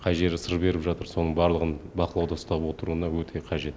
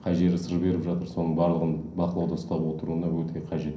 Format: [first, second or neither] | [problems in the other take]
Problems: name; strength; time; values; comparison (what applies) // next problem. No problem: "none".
first | room echo; dies away in 0.6 s